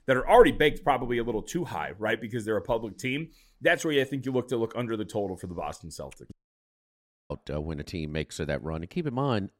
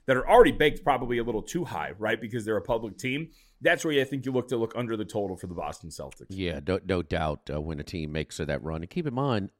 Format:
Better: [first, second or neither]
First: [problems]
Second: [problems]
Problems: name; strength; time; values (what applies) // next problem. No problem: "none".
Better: second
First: audio cutting out; at 6.5 s for 1 s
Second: none